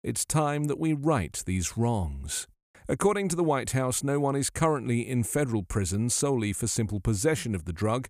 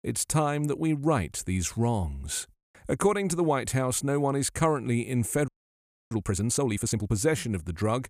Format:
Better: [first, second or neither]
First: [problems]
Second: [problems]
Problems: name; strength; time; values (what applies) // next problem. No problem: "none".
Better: first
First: none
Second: audio freezing; at 5.5 s for 0.5 s